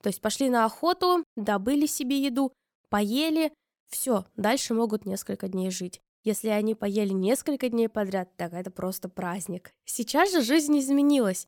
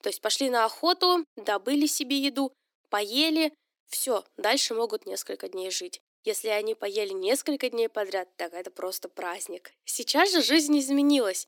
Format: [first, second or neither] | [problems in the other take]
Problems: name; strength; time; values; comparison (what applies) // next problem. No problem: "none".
first | thin; very slightly; fading below 300 Hz